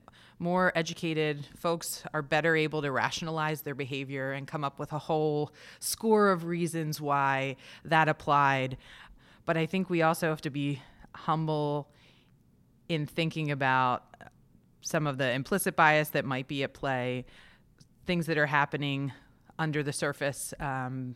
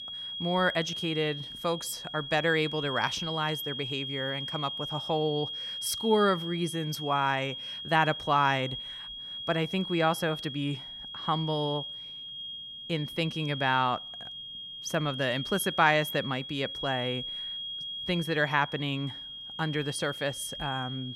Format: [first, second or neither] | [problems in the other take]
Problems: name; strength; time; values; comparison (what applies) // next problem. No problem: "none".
first | high-pitched whine; loud; throughout; 3.5 kHz, 6 dB below the speech